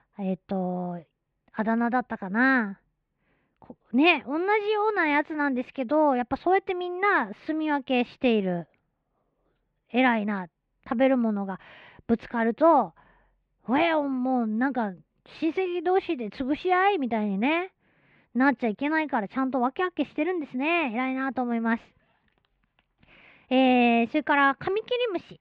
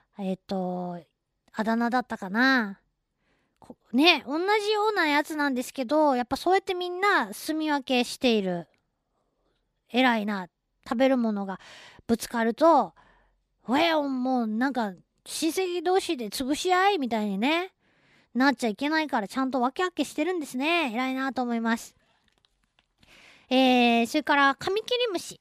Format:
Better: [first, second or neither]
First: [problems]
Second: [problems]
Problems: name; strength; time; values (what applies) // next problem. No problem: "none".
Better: second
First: muffled; very; fading above 2.5 kHz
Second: none